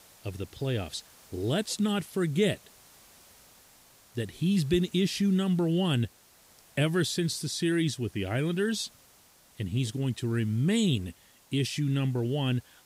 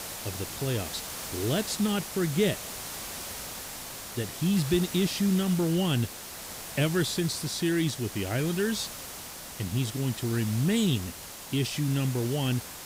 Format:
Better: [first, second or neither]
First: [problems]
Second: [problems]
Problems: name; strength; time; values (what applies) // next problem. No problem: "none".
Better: first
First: hiss; faint; throughout; 25 dB below the speech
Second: hiss; loud; throughout; 9 dB below the speech